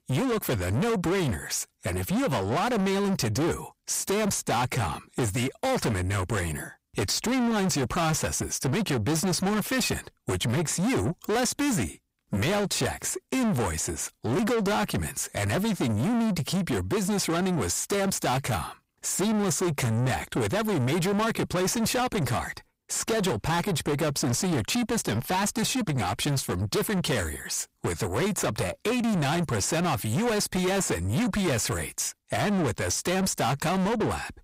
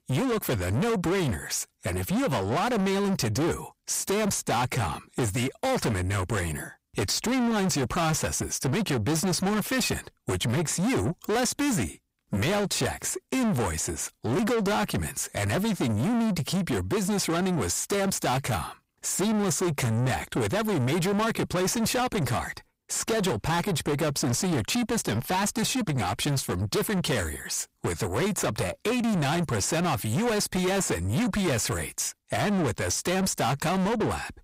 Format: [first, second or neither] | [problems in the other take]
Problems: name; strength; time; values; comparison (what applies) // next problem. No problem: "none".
neither | distortion; heavy; 6 dB below the speech; the same in both